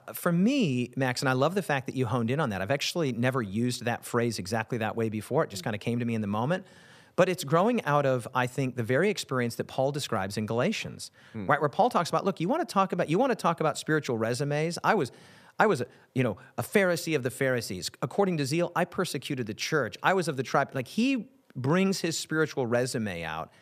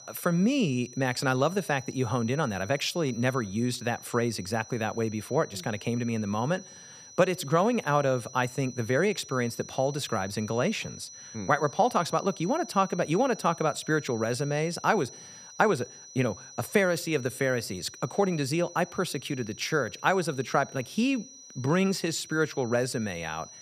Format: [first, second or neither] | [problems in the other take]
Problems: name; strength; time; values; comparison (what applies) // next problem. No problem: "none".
first | high-pitched whine; noticeable; throughout; 6 kHz, 15 dB below the speech